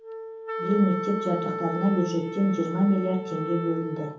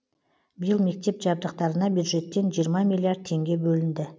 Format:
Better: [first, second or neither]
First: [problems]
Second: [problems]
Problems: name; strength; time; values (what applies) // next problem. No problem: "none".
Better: second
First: background sound (Wind instrument, woodwind instrument); 7 dB below the speech // room echo; dies away in 1.2 s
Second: none